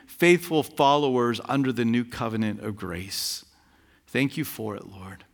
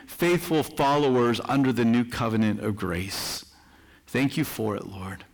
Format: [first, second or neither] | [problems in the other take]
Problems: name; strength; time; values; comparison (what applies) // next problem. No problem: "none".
first | distortion; heavy; 6 dB below the speech